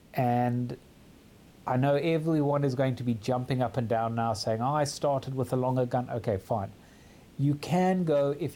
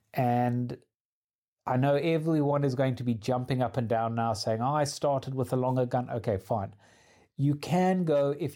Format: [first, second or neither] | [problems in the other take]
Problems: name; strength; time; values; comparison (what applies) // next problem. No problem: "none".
second | hiss; faint; throughout; 25 dB below the speech